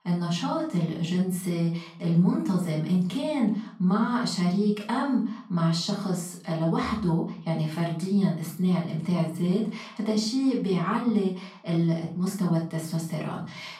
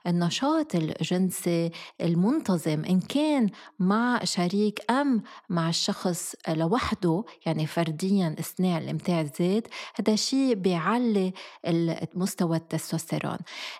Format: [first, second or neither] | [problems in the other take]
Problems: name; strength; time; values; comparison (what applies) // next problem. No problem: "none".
second | off-mic speech; far // room echo; slight; dies away in 0.4 s